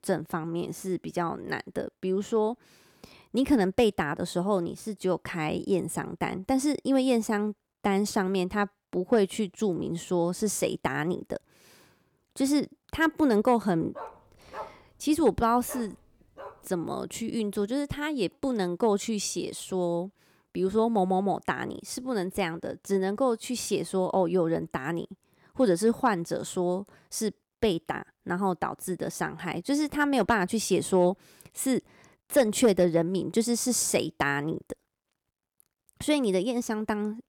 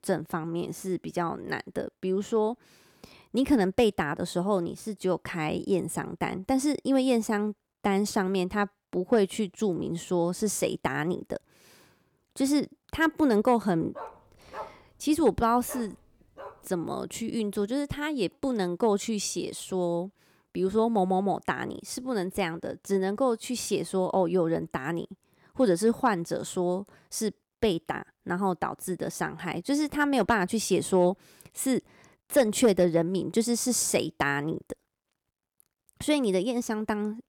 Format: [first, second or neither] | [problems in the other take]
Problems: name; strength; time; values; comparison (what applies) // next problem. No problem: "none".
neither | dog barking; faint; from 14 to 17 s; peak 15 dB below the speech; the same in both